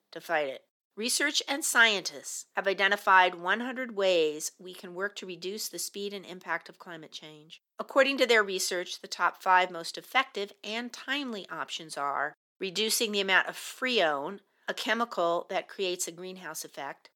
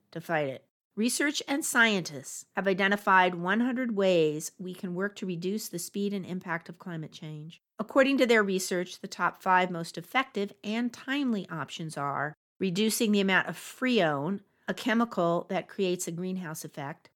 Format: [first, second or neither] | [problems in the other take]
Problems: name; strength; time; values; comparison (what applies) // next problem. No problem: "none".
second | thin; somewhat; fading below 450 Hz